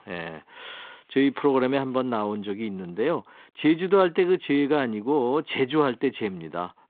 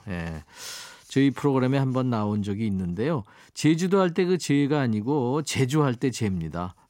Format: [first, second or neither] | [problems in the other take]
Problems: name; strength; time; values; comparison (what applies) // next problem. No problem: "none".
second | phone-call audio; nothing above 3.5 kHz